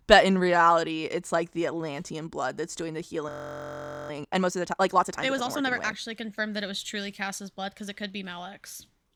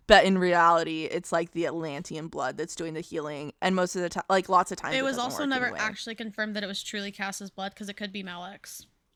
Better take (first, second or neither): second